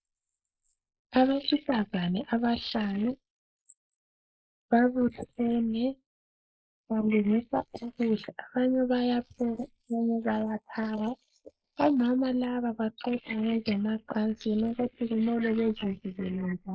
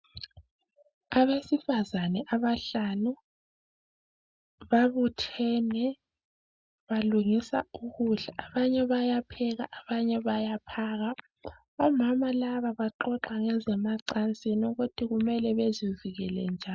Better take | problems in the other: second | noise reduction (neural mask model Resemble Enhance denoiser)

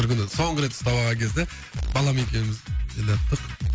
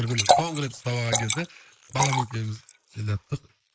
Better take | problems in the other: first | noise reduction (neural mask model Resemble Enhance denoiser)

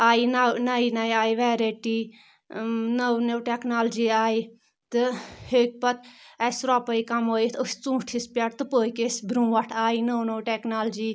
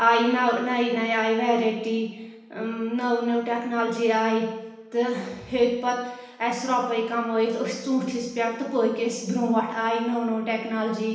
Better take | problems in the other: first | room echo; dies away in 0.9 s

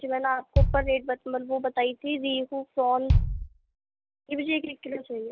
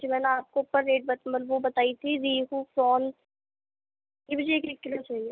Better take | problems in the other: second | background sound (Bass drum); as loud as the speech

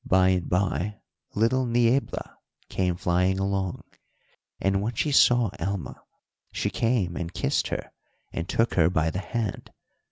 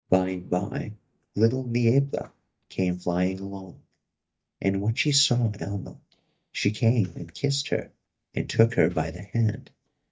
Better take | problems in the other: first | noise reduction (neural mask model DeepFilterNet 3)

